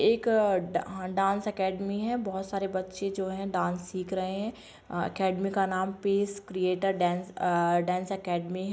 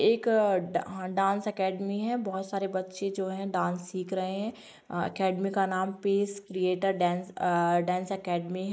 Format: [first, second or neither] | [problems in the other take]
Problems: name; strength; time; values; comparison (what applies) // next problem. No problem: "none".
first | noise reduction (neural mask model Resemble Enhance denoiser)